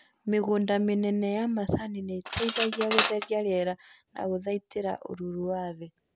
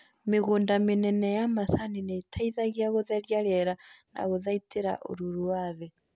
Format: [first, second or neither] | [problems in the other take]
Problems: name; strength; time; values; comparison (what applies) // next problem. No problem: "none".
second | background sound (Cutlery, silverware); 5 dB below the speech